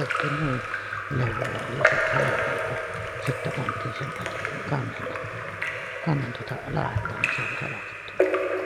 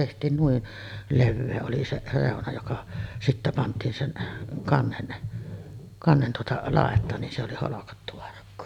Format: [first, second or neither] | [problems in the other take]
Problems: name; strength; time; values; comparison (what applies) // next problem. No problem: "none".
second | background sound (Drip / Trickle, dribble / Splash, splatter); 3 dB above the speech